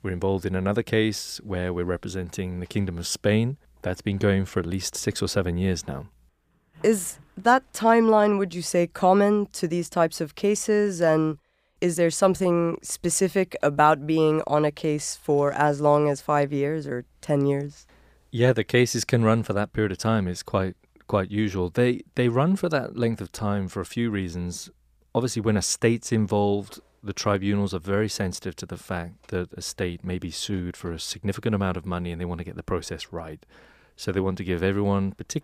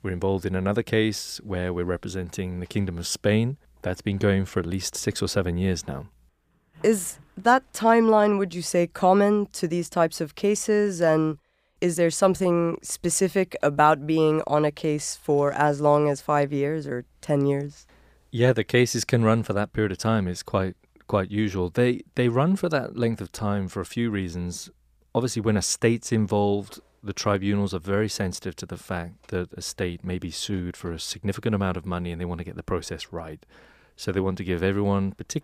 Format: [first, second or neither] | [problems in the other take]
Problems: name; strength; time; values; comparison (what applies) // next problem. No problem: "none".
neither | none